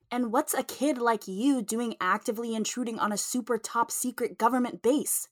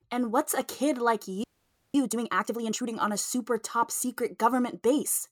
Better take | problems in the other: first | audio freezing; at 1.5 s for 0.5 s

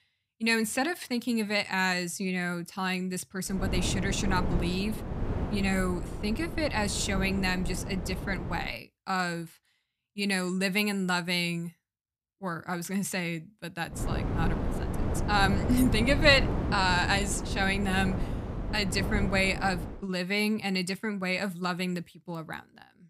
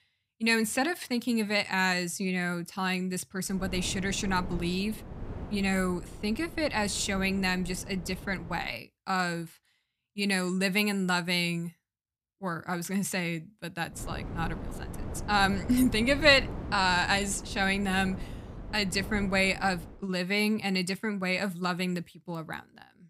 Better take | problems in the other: second | wind noise on the microphone; heavy; from 3.5 to 8.5 s and from 14 to 20 s; 10 dB below the speech; occasional gusts in the second

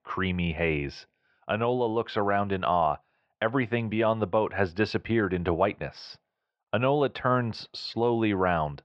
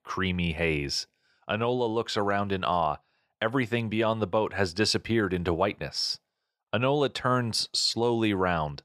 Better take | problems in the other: second | muffled; slightly; fading above 3 kHz

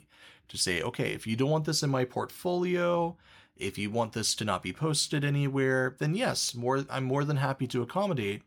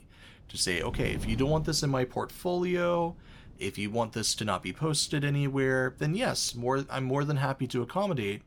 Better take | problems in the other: first | wind noise on the microphone; occasional gusts; 25 dB below the speech

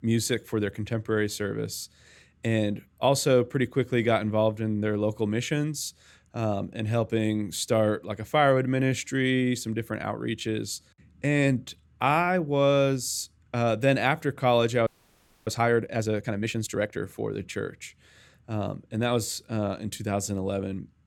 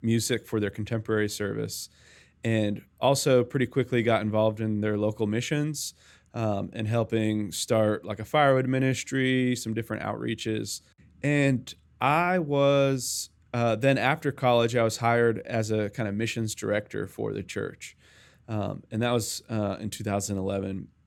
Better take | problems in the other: second | audio freezing; at 15 s for 0.5 s

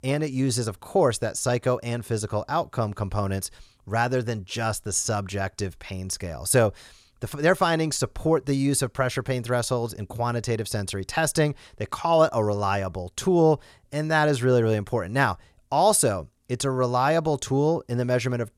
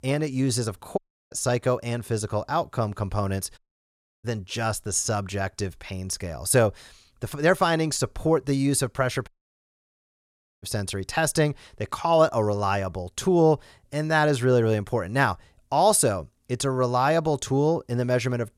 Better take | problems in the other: first | audio cutting out; at 1 s, at 3.5 s for 0.5 s and at 9.5 s for 1.5 s

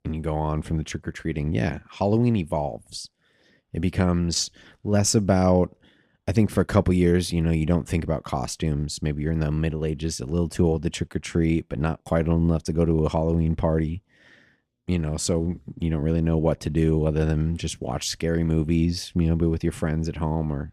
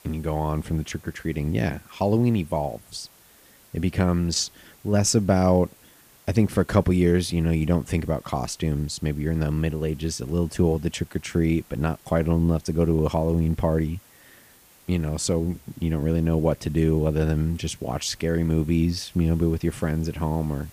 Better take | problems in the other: first | hiss; faint; throughout; 25 dB below the speech

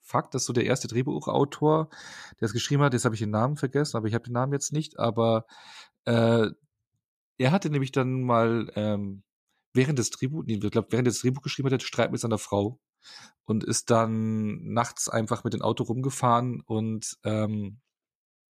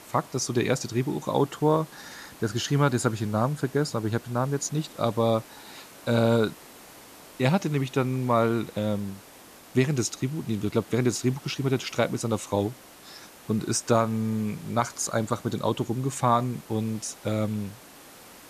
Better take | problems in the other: first | hiss; faint; throughout; 20 dB below the speech

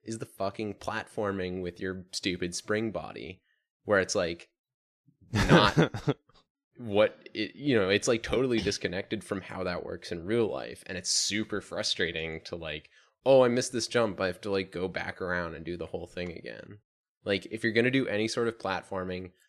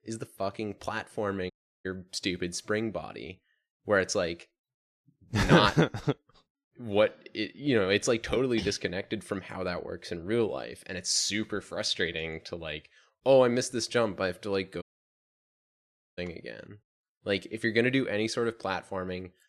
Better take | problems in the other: first | audio cutting out; at 1.5 s and at 15 s for 1.5 s

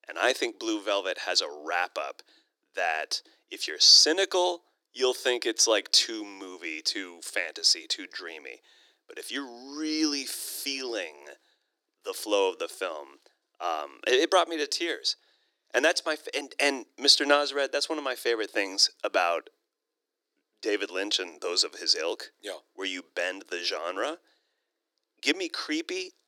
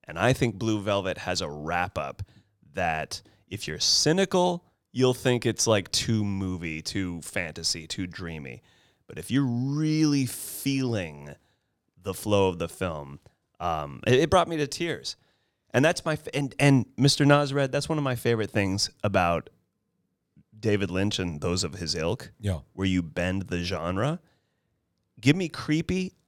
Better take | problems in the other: second | thin; very; fading below 300 Hz

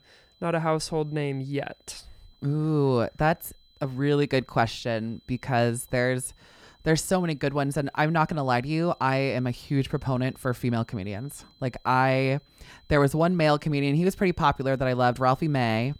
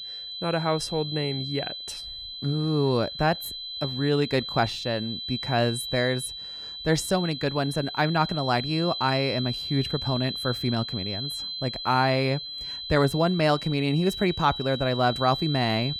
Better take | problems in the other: first | high-pitched whine; loud; throughout; 4 kHz, 6 dB below the speech; faint in the first

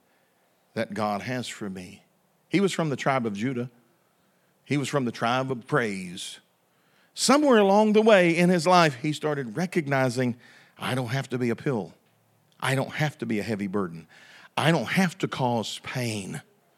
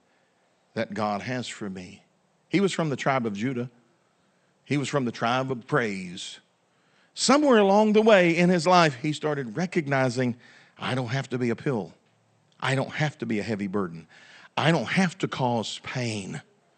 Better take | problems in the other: first | garbled, watery; slightly; nothing above 8.5 kHz

